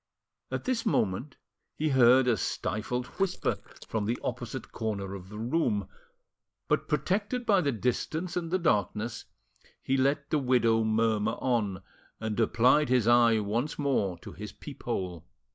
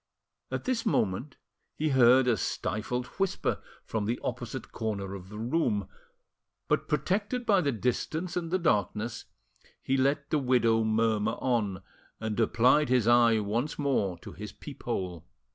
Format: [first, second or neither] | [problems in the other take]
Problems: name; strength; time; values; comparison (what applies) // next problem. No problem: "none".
second | noise reduction (neural mask model Resemble Enhance denoiser)